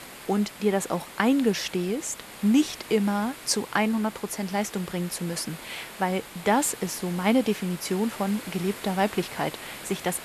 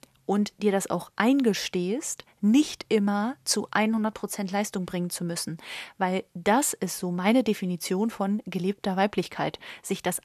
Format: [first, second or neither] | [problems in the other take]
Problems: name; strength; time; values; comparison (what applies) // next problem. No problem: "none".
second | hiss; noticeable; throughout; 15 dB below the speech